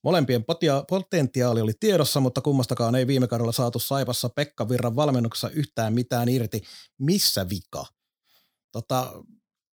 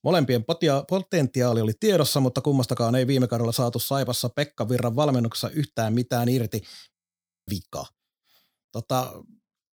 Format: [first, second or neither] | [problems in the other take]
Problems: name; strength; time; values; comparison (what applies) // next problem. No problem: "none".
first | audio freezing; at 7 s for 0.5 s